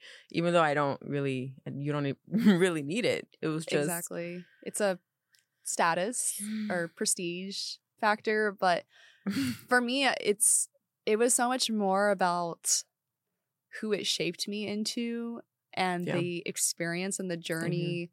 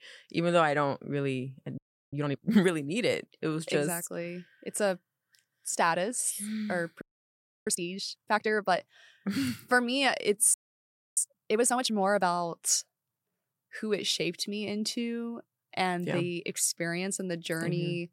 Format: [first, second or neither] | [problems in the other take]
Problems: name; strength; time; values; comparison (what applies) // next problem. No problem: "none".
first | audio freezing; at 2 s, at 7 s for 0.5 s and at 11 s for 0.5 s